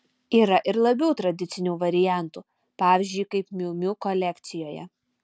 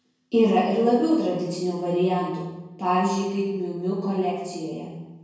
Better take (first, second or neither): first